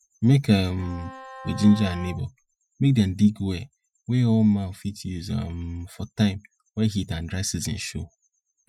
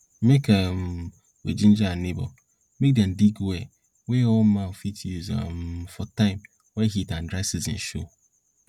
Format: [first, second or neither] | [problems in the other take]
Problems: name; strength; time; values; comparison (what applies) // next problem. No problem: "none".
second | noise reduction (classical method Wiener filter)